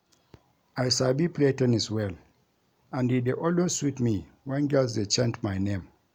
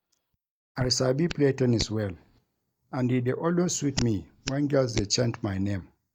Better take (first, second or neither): first